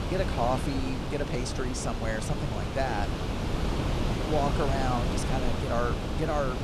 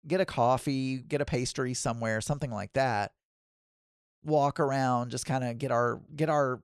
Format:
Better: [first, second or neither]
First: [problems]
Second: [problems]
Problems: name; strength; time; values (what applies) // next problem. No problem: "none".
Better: second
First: wind noise on the microphone; heavy; 3 dB below the speech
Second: none